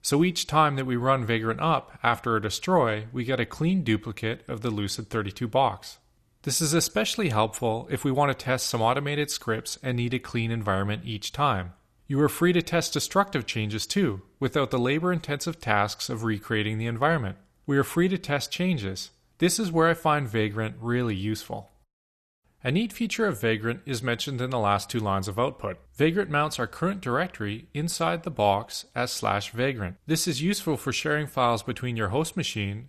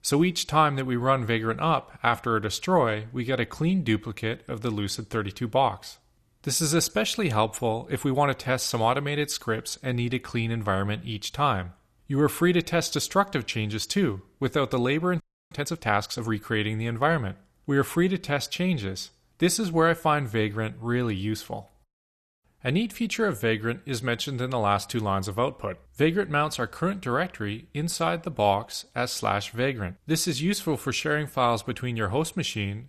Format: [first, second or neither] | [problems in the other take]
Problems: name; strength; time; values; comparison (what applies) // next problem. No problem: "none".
first | audio freezing; at 15 s